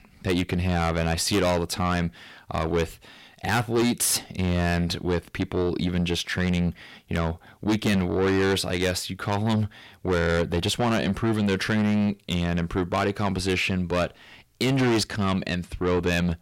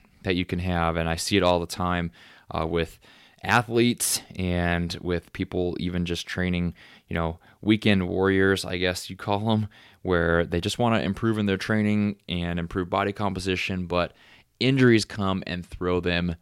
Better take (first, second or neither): second